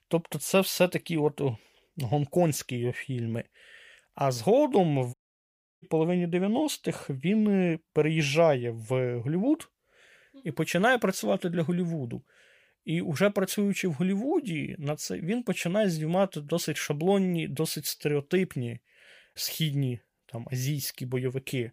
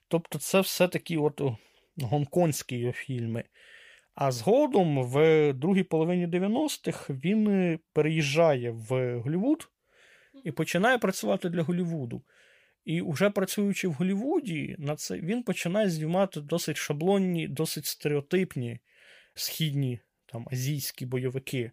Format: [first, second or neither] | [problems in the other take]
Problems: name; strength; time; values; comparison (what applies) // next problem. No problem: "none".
second | audio cutting out; at 5 s for 0.5 s